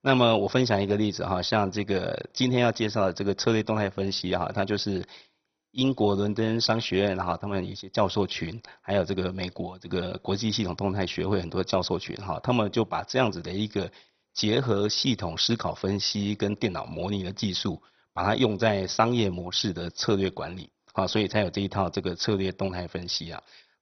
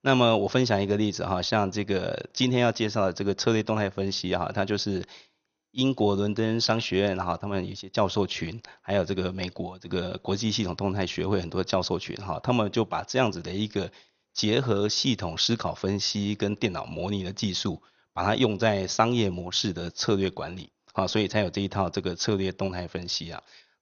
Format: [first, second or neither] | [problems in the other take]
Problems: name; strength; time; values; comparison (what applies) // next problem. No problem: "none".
second | garbled, watery; badly; nothing above 6 kHz; slightly in the second